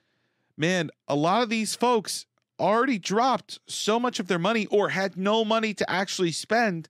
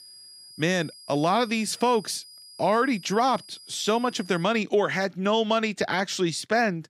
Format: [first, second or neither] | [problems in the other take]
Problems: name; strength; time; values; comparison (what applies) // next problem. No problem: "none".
first | high-pitched whine; noticeable; until 4.5 s; 5 kHz, 20 dB below the speech